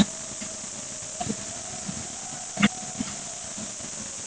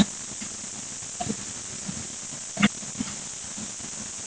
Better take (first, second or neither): second